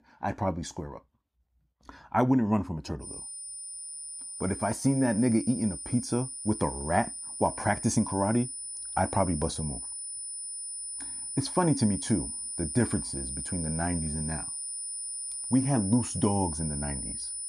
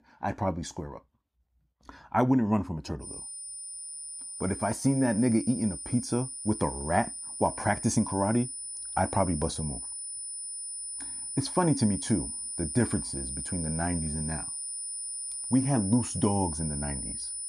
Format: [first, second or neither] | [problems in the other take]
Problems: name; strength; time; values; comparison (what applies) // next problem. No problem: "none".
neither | high-pitched whine; loud; from 3 s on; 9.5 kHz, 6 dB below the speech; the same in both